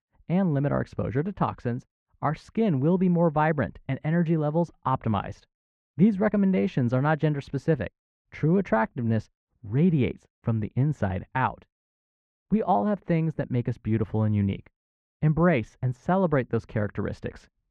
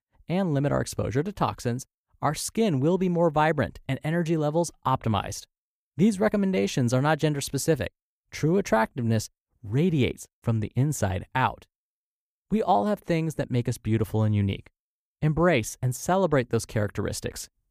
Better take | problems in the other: second | muffled; very; fading above 2 kHz

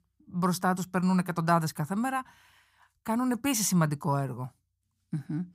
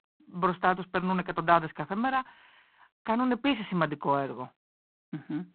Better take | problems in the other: first | phone-call audio; poor line; nothing above 4 kHz

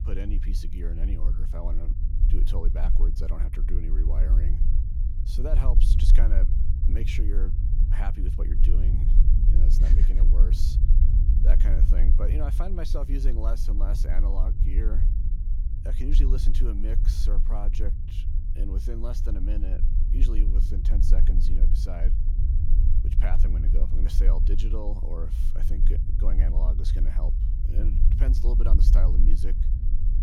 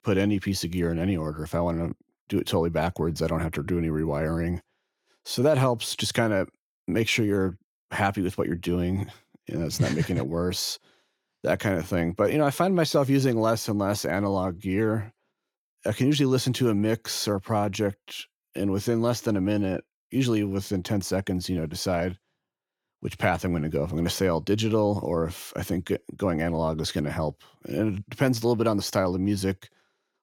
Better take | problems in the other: second | low rumble; loud; throughout; 4 dB below the speech

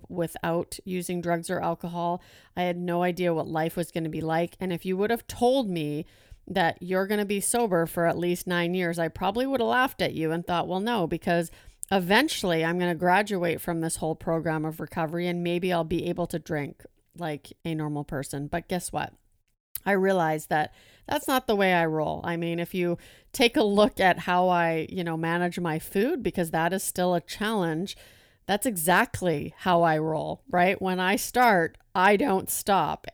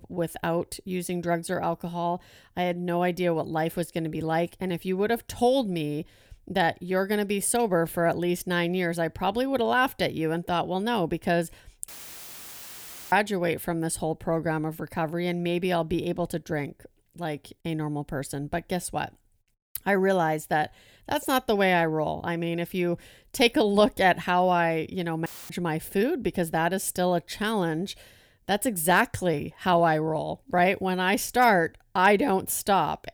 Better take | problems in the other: first | audio cutting out; filled with static; at 12 s for 1 s and at 25 s

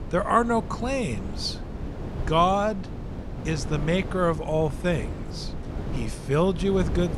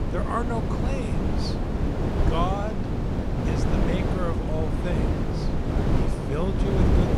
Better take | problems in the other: first | wind noise on the microphone; heavy; as loud as the speech; occasional gusts in the first

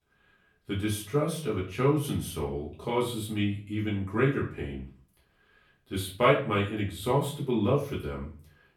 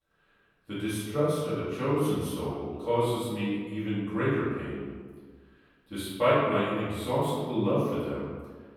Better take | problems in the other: first | room echo; strong; dies away in 1.4 s; slight in the first // off-mic speech; far; far in the first

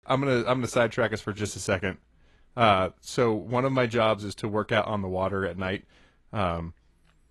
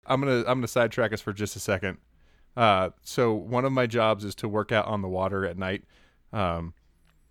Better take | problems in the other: second | garbled, watery; slightly; nothing above 11.5 kHz

